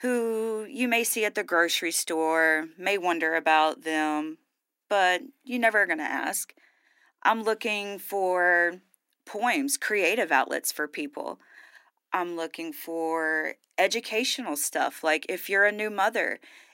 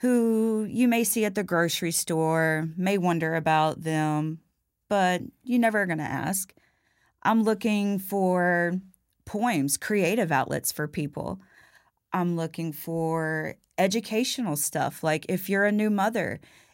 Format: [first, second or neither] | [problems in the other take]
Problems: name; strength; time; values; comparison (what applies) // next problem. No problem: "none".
second | thin; somewhat; fading below 300 Hz